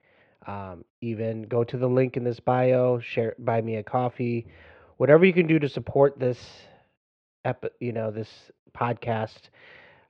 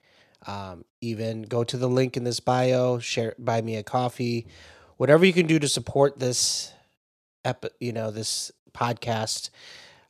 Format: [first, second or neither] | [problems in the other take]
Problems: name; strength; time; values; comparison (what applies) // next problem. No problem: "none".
second | muffled; very; fading above 2.5 kHz